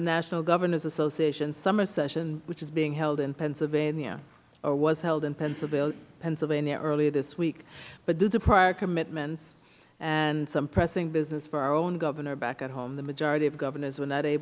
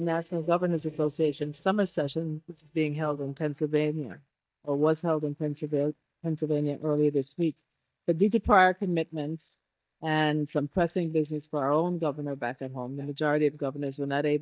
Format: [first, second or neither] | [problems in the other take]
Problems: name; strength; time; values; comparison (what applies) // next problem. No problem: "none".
first | noise reduction (neural mask model DeepFilterNet 3)